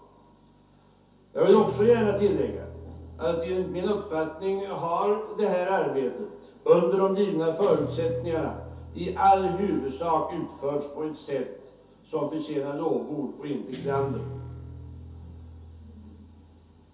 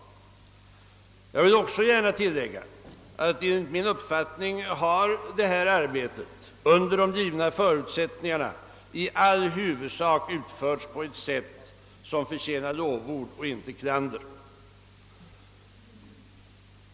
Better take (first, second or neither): second